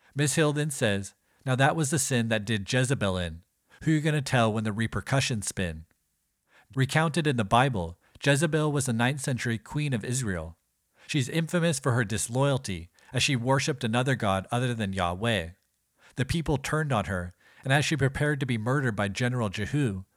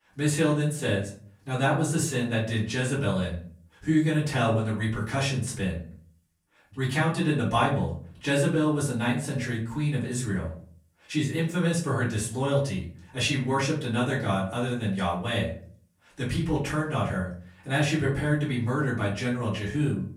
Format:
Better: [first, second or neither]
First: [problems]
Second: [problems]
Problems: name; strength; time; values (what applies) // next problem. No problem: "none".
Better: first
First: none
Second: off-mic speech; far // room echo; slight; dies away in 0.4 s